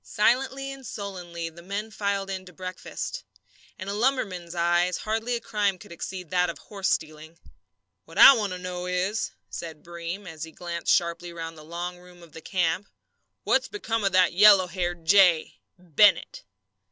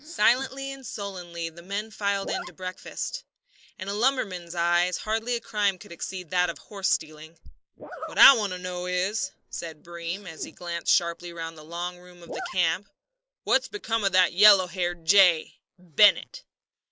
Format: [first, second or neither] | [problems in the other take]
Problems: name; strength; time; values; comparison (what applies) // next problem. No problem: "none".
first | noise reduction (neural mask model Resemble Enhance denoiser)